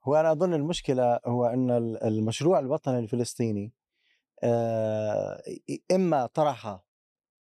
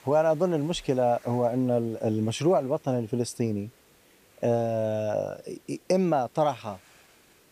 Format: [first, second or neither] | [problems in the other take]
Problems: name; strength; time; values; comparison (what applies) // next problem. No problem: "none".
first | hiss; faint; throughout; 30 dB below the speech